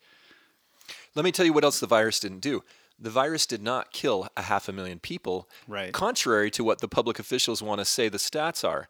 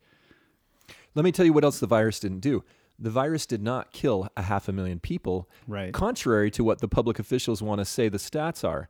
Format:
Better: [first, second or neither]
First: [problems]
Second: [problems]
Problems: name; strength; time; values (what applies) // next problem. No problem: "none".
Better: second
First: thin; somewhat; fading below 750 Hz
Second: none